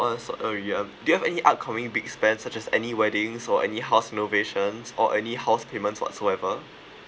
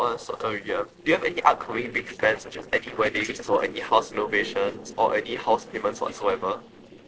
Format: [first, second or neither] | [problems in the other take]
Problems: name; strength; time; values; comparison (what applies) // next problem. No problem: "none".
first | noise reduction (neural separator model SepFormer DNS4)